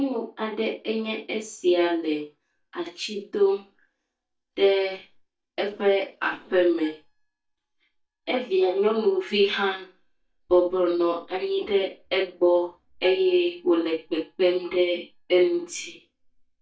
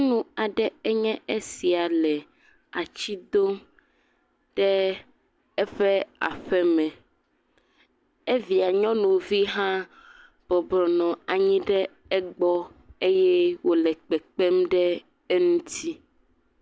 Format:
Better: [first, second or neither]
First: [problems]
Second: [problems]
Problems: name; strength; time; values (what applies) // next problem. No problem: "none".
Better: second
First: noise reduction (neural mask model DeepFilterNet 3)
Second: none